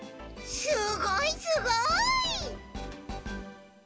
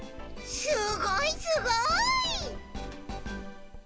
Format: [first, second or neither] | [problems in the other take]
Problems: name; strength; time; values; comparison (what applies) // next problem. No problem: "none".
first | background sound (Writing); 14 dB below the speech